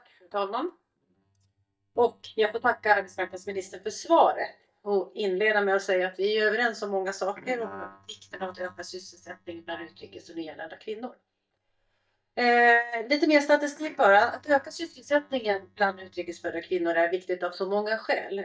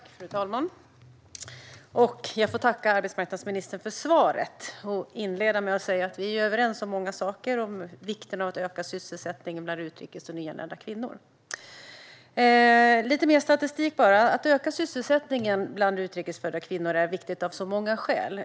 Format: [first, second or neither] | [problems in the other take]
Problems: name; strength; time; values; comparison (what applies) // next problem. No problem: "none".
second | noise reduction (neural mask model DeepFilterNet 3)